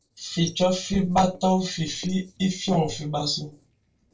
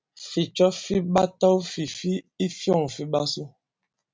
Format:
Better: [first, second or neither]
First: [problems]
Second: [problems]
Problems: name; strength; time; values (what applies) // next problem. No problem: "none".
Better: second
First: noise reduction (neural separator model SepFormer DNS4)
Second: none